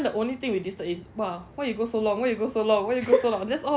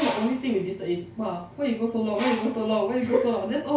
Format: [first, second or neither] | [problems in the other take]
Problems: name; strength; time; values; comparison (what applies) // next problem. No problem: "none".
first | background sound (Bird); 13 dB below the speech // room echo; dies away in 0.3 s